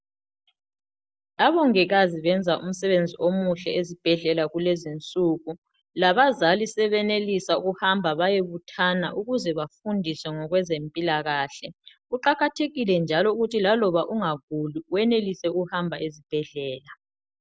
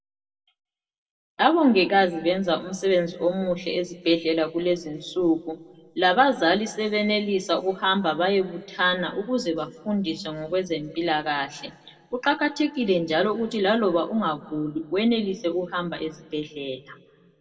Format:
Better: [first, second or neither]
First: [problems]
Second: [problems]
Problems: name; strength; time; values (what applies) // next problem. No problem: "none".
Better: first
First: none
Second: room echo; dies away in 0.9 s